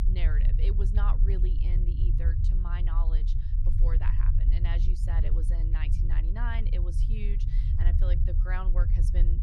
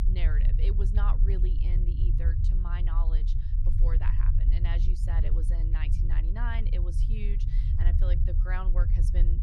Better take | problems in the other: neither | low rumble; loud; throughout; 4 dB below the speech; the same in both

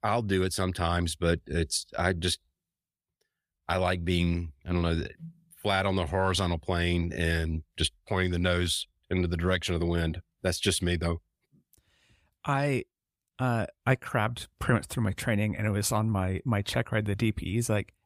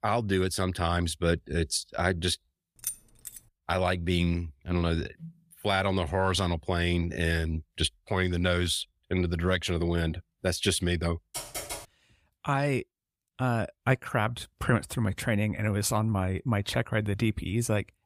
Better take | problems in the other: first | jangling keys; noticeable; at 3 s; peak 7 dB below the speech // keyboard typing; noticeable; at 11 s; peak 7 dB below the speech

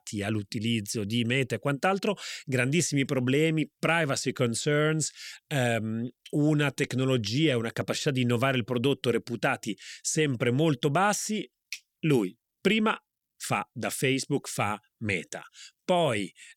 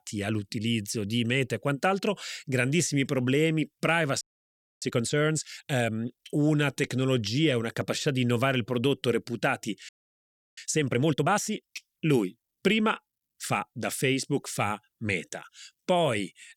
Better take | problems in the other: first | audio freezing; at 4 s for 0.5 s and at 10 s for 0.5 s

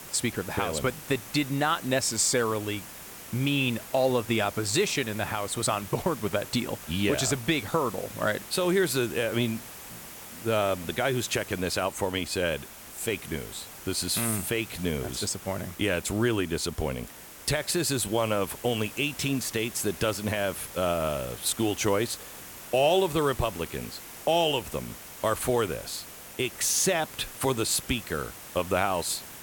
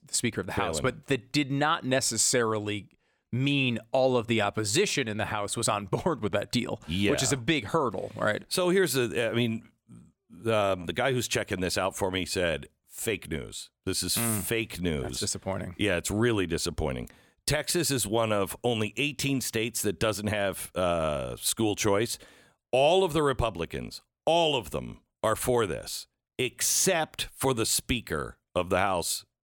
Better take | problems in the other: second | hiss; noticeable; throughout; 15 dB below the speech

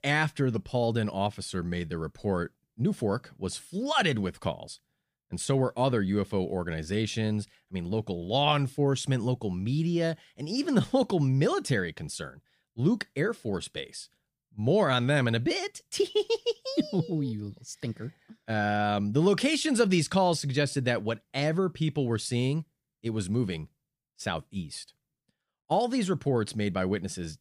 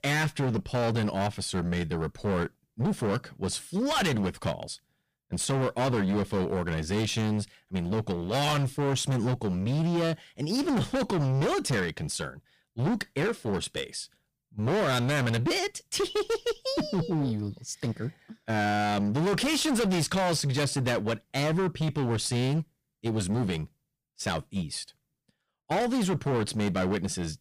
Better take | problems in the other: first | distortion; heavy; 21% of the sound clipped

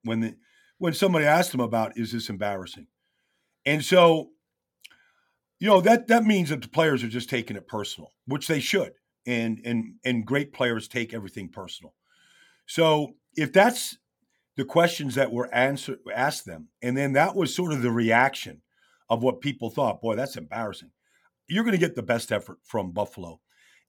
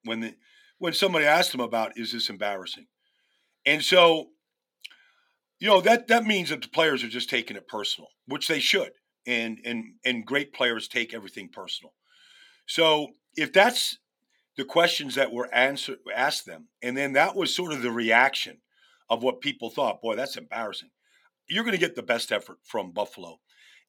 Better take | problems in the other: first | thin; very slightly; fading below 300 Hz

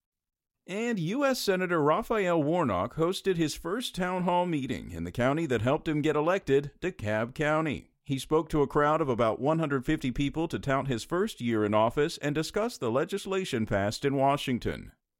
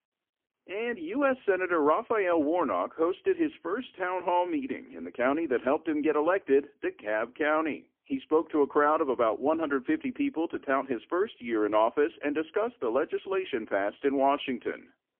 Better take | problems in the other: first | phone-call audio; poor line; nothing above 3.5 kHz

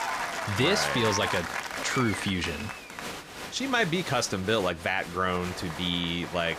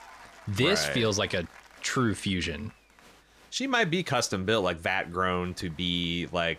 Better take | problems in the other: second | crowd noise; loud; throughout; 7 dB below the speech; faint in the second

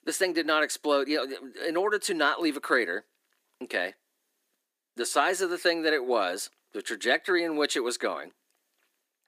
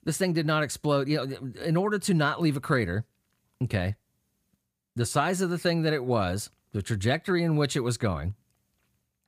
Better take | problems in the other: second | thin; very; fading below 300 Hz

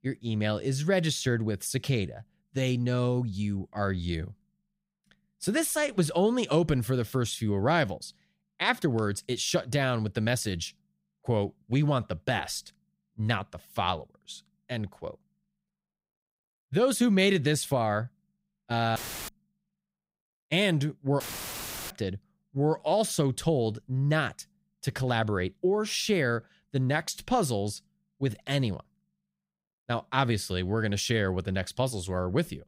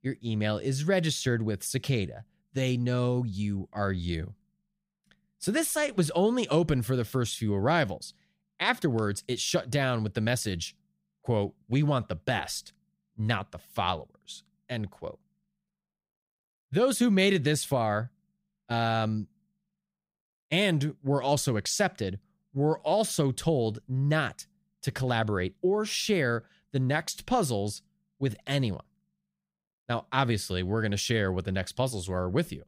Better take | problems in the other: second | audio cutting out; filled with static; at 19 s and at 21 s for 0.5 s

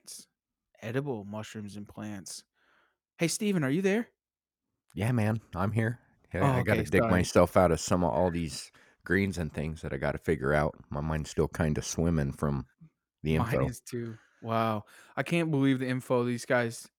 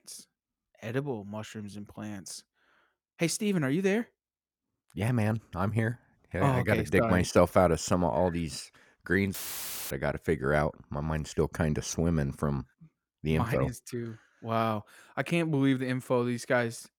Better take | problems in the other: first | audio cutting out; filled with static; at 9.5 s for 0.5 s

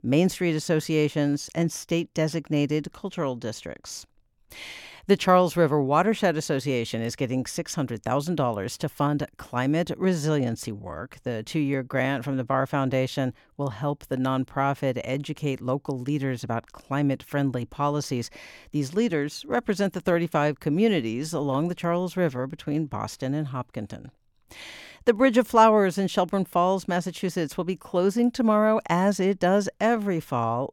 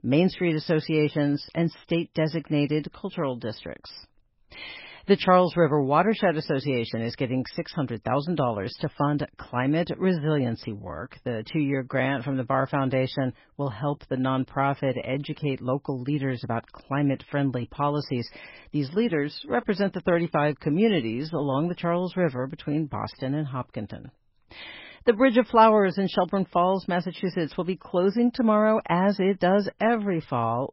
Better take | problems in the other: first | garbled, watery; badly; nothing above 5.5 kHz

